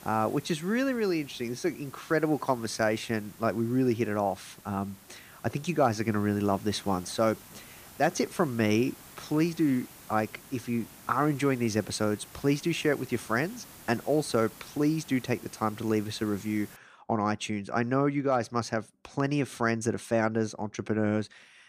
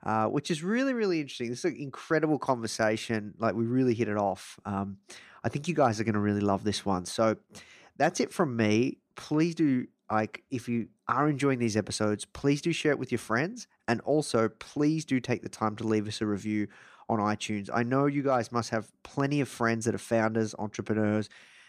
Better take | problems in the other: second | hiss; noticeable; until 17 s; 20 dB below the speech

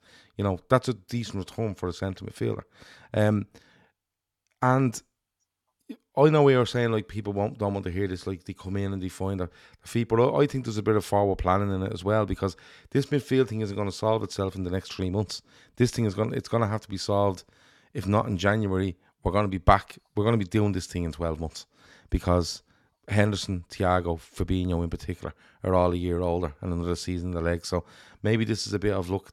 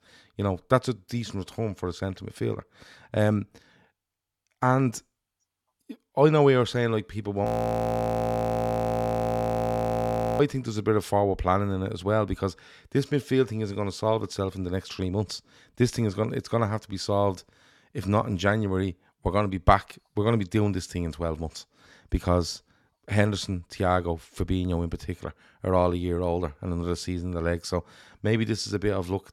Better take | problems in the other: first | audio freezing; at 7.5 s for 3 s

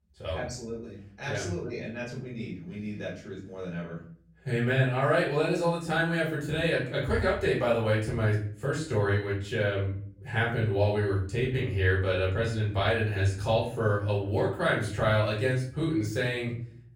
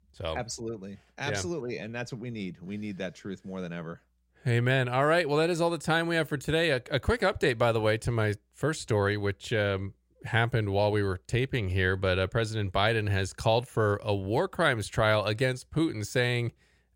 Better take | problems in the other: second | off-mic speech; far // room echo; noticeable; dies away in 0.5 s

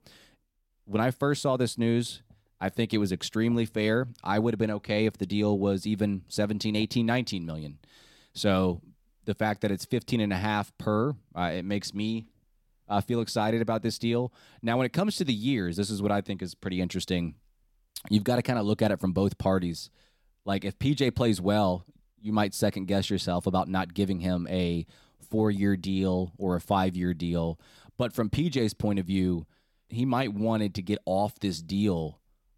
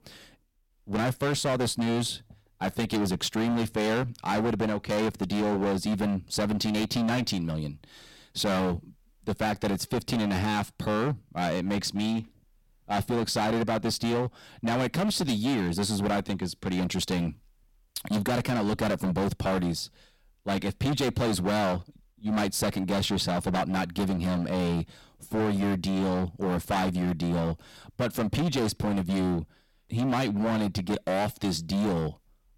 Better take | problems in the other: first | distortion; heavy; 22% of the sound clipped

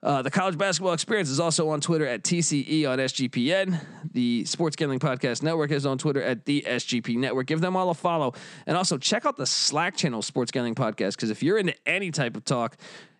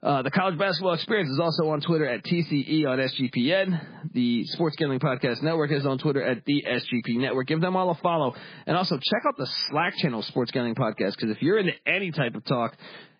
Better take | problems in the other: first | garbled, watery; badly; nothing above 5 kHz

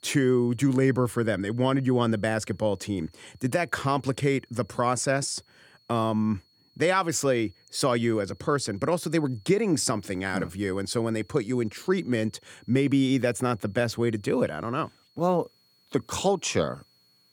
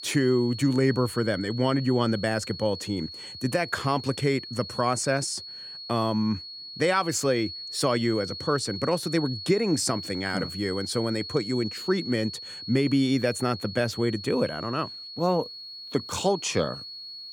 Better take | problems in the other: first | high-pitched whine; loud; throughout; 4.5 kHz, 10 dB below the speech; faint in the first

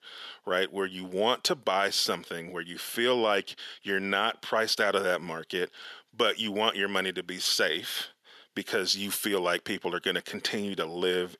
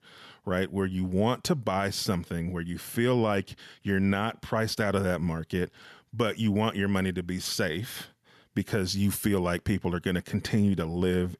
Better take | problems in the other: second | thin; somewhat; fading below 450 Hz

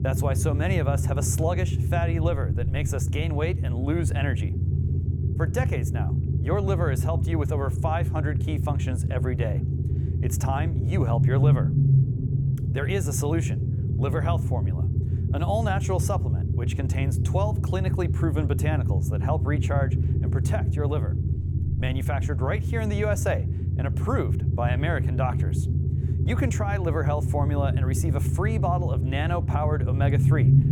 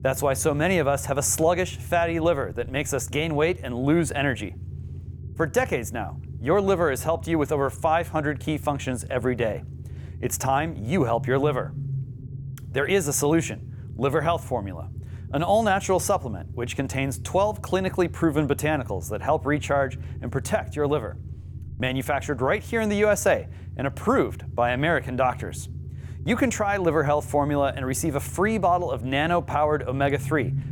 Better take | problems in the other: second | low rumble; loud; throughout; 6 dB below the speech; faint in the second

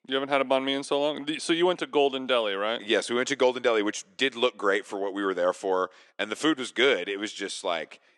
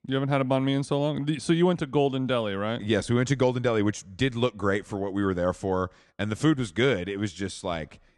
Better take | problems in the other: second | thin; somewhat; fading below 350 Hz

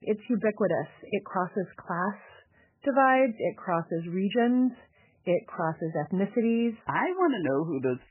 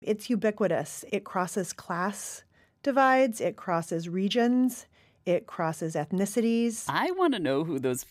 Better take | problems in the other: second | garbled, watery; badly; nothing above 3 kHz

